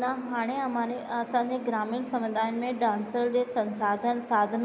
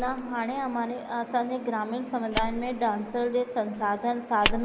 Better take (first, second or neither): first